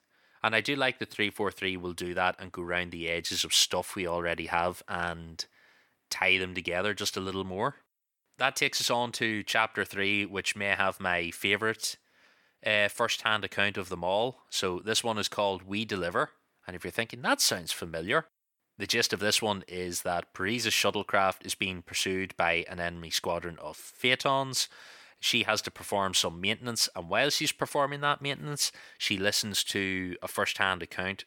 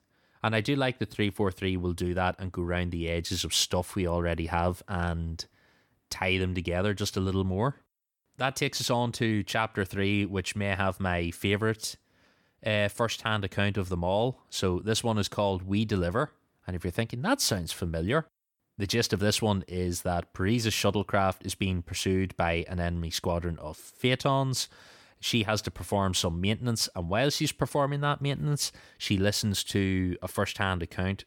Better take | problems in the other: second | thin; somewhat; fading below 1 kHz

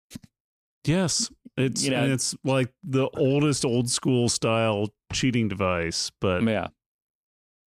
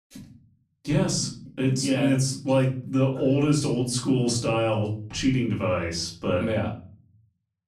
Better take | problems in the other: first | off-mic speech; far // room echo; slight; dies away in 0.5 s

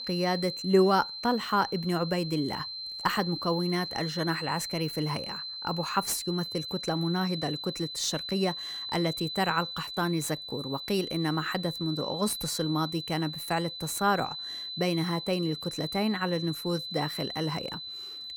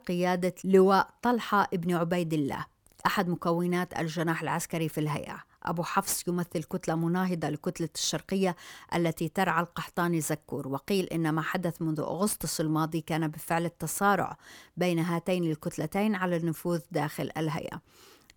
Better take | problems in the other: second | high-pitched whine; loud; throughout; 4 kHz, 6 dB below the speech

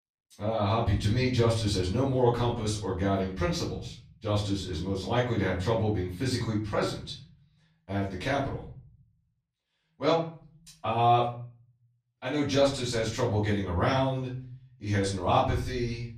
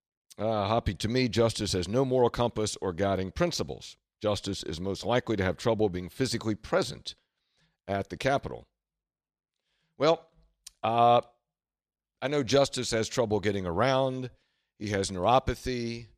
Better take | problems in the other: second | off-mic speech; far // room echo; slight; dies away in 0.6 s

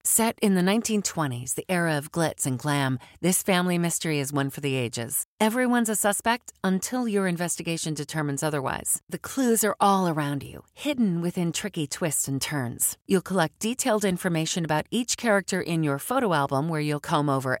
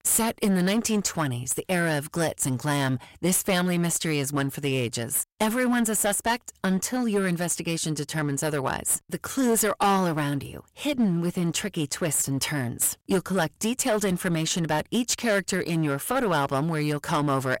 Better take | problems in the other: first | distortion; slight; 8% of the sound clipped

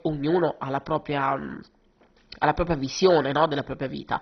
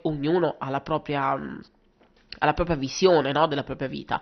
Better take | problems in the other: second | garbled, watery; badly; nothing above 6 kHz; slightly in the second

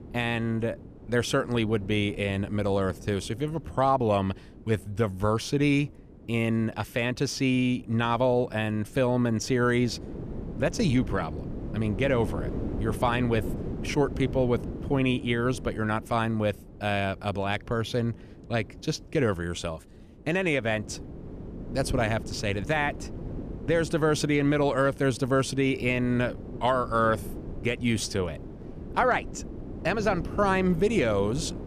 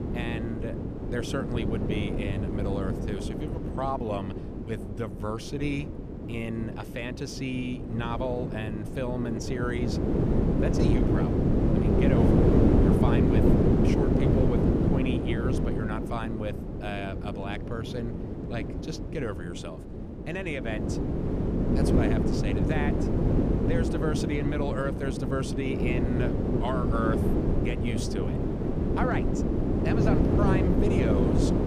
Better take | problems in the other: first | wind noise on the microphone; heavy; 3 dB above the speech; occasional gusts in the first

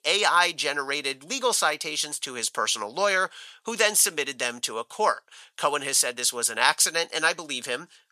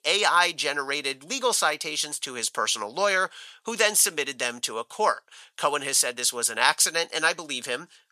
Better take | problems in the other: neither | thin; very; fading below 800 Hz; the same in both

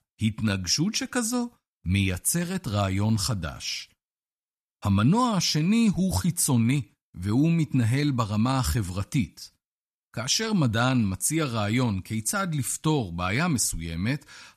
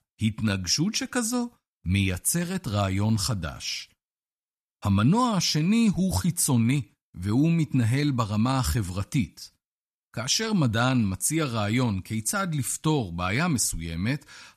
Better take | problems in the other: neither | none

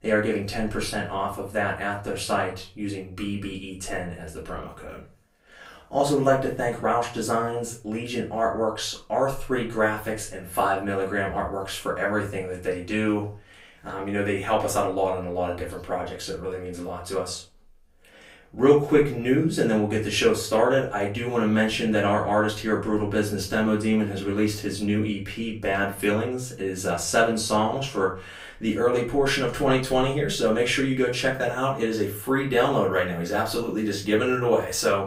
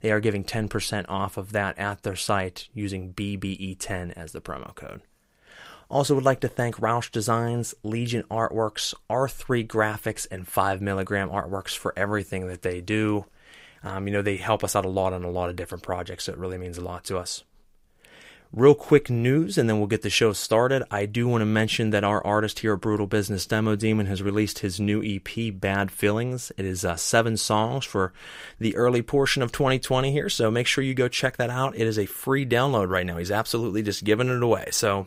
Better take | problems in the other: second | room echo; slight; dies away in 0.3 s // off-mic speech; far

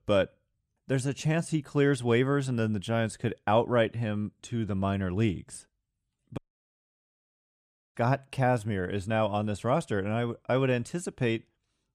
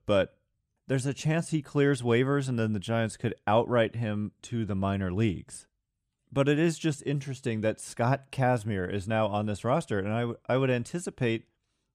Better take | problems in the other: second | audio cutting out; at 6.5 s for 1.5 s

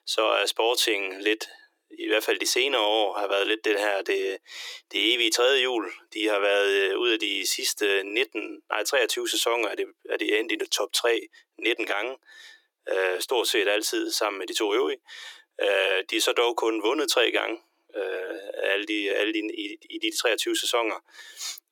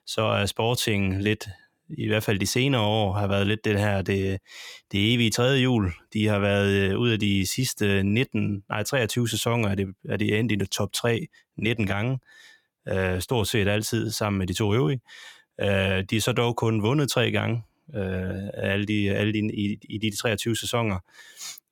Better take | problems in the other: second | thin; very; fading below 350 Hz

